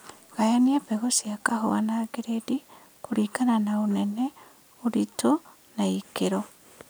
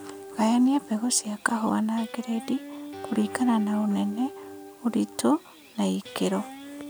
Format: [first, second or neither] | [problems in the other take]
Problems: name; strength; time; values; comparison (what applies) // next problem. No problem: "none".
first | background sound (Guitar); 15 dB below the speech